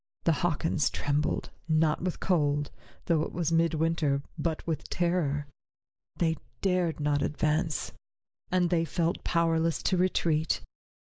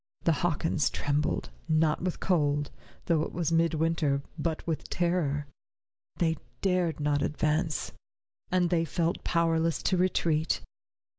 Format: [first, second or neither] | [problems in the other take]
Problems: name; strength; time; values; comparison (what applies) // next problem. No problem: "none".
second | noise reduction (neural mask model Resemble Enhance denoiser)